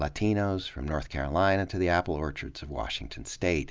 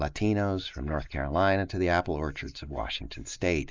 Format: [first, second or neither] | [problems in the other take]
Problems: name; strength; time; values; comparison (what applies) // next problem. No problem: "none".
first | noise reduction (neural mask model Resemble Enhance denoiser)